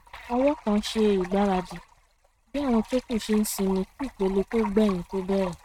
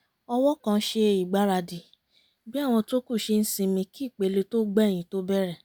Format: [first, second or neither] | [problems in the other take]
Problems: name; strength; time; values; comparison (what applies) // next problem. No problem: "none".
second | noise reduction (neural mask model RNNoise)